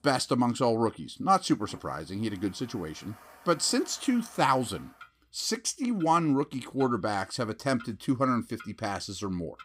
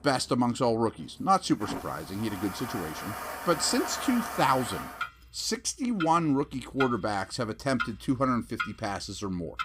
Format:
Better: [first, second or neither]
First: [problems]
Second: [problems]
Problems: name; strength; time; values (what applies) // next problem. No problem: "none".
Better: first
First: household noises; faint; throughout; 25 dB below the speech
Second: household noises; loud; throughout; 8 dB below the speech